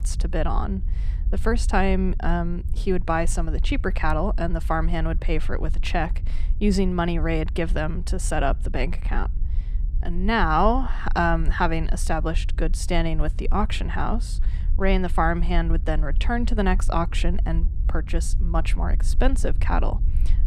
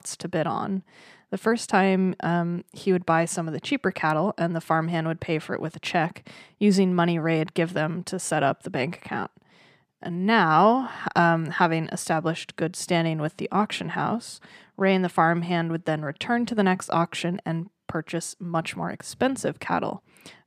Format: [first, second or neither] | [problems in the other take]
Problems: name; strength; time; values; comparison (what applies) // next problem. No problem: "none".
second | low rumble; faint; throughout; 20 dB below the speech